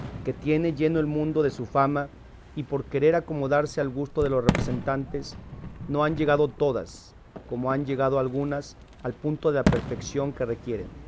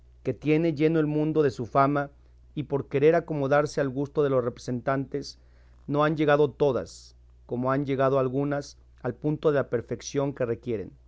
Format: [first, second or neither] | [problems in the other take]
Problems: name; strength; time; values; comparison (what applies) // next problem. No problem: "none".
second | background sound (Fireworks); 8 dB below the speech